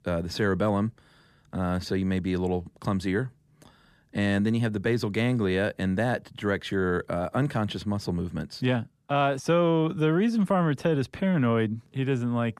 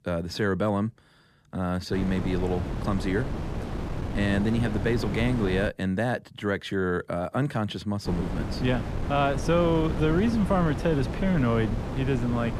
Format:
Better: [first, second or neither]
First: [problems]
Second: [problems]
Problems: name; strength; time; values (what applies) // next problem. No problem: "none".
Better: first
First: none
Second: wind noise on the microphone; heavy; from 2 to 5.5 s and from 8 s on; 8 dB below the speech